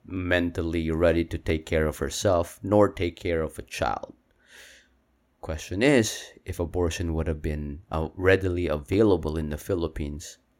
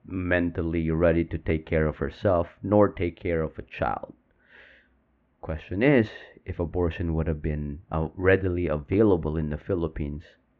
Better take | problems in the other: first | muffled; very; fading above 2.5 kHz

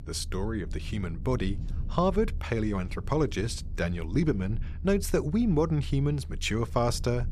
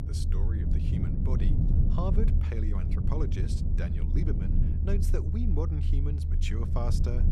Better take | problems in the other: first | low rumble; loud; throughout; 1 dB below the speech; faint in the first

